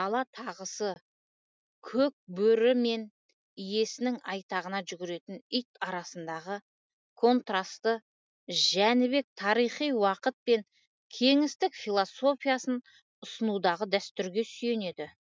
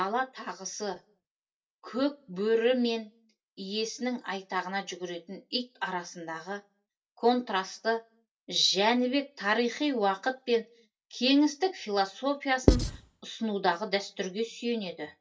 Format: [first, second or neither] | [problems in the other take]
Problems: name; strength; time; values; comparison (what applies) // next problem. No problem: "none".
first | background sound (Writing); 5 dB above the speech // room echo; dies away in 0.2 s